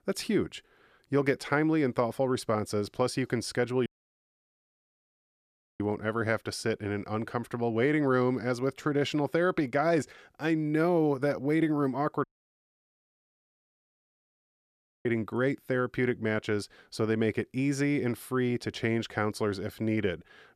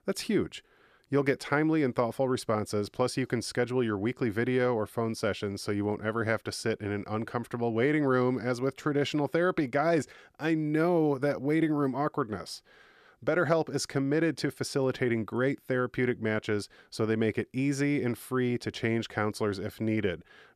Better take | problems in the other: second | audio cutting out; at 4 s for 2 s and at 12 s for 3 s

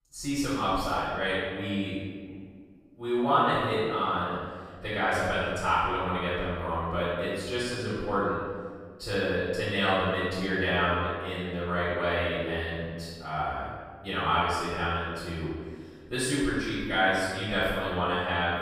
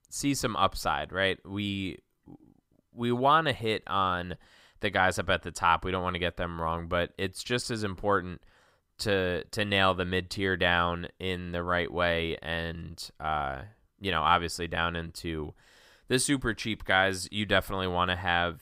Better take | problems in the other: second | off-mic speech; far // room echo; strong; dies away in 1.6 s

